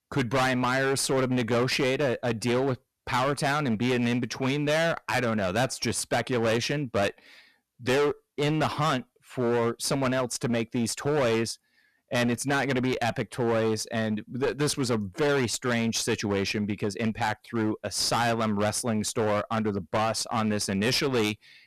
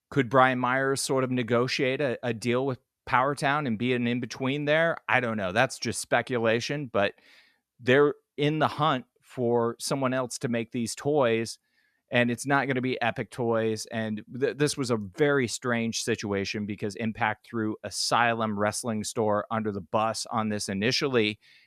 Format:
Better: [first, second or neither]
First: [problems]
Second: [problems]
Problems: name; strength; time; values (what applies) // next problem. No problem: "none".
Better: second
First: distortion; heavy; 20% of the sound clipped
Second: none